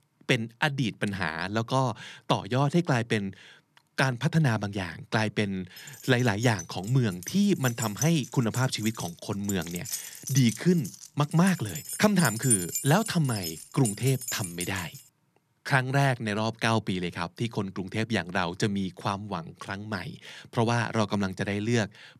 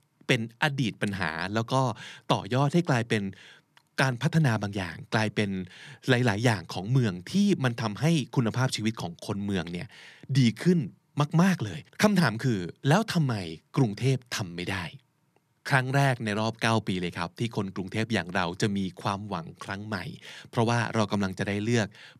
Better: second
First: jangling keys; loud; from 6.5 to 15 s; peak 3 dB above the speech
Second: none

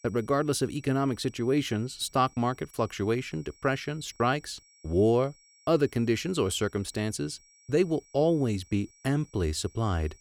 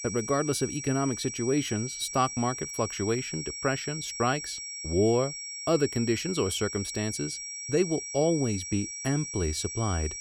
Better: first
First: high-pitched whine; faint; throughout; 5.5 kHz, 30 dB below the speech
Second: high-pitched whine; loud; throughout; 5.5 kHz, 6 dB below the speech

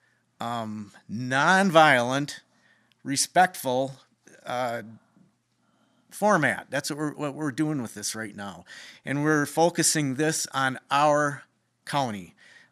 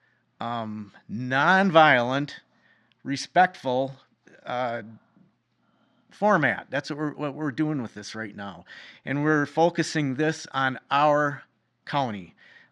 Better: first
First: none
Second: muffled; slightly; fading above 4 kHz

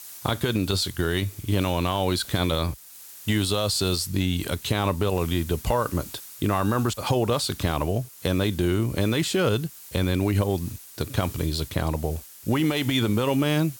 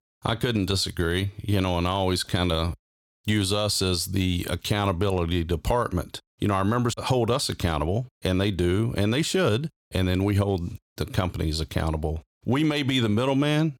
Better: second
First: hiss; noticeable; throughout; 15 dB below the speech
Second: none

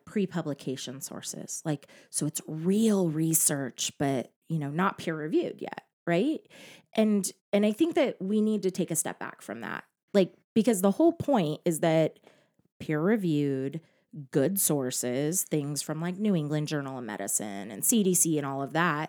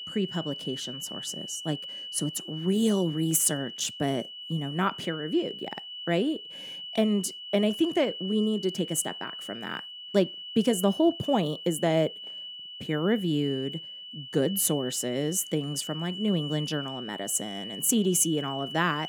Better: first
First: none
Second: high-pitched whine; loud; throughout; 3 kHz, 9 dB below the speech

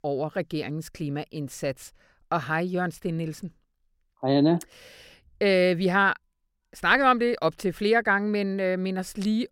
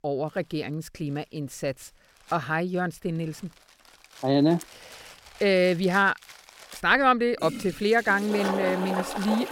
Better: first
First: none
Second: household noises; noticeable; throughout; 10 dB below the speech

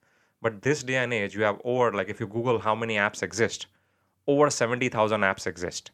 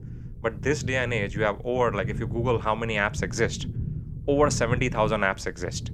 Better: first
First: none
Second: low rumble; noticeable; throughout; 20 dB below the speech

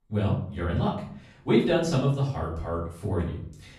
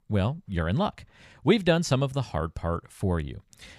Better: second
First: off-mic speech; far // room echo; noticeable; dies away in 0.5 s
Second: none

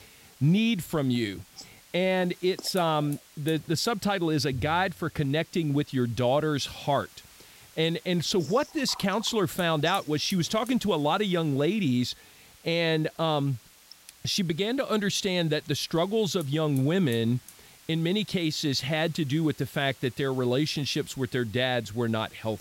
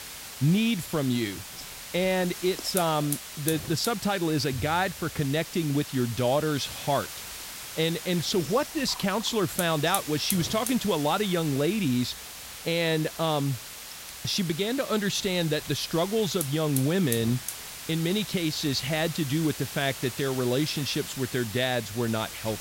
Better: first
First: hiss; faint; throughout; 25 dB below the speech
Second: hiss; loud; throughout; 9 dB below the speech

